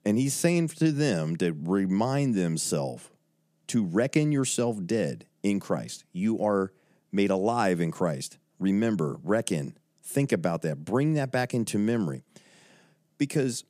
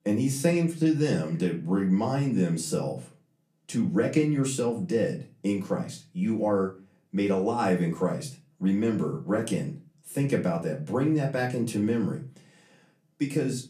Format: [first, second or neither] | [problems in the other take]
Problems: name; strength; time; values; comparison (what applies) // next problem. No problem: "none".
first | off-mic speech; far // room echo; very slight; dies away in 0.3 s